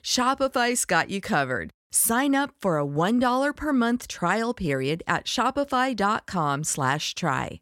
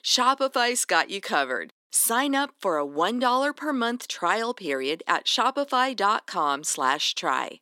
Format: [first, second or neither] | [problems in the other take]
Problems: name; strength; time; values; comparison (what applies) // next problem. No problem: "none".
first | thin; very slightly; fading below 300 Hz